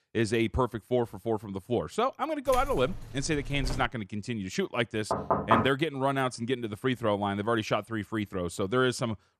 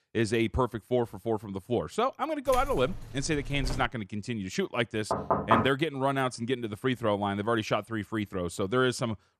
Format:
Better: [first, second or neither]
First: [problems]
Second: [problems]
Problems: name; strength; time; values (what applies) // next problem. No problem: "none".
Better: neither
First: jangling keys; noticeable; from 2.5 to 4 s; peak 9 dB below the speech // door banging; loud; at 5 s; peak 4 dB above the speech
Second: jangling keys; noticeable; from 2.5 to 4 s; peak 9 dB below the speech // door banging; loud; at 5 s; peak 4 dB above the speech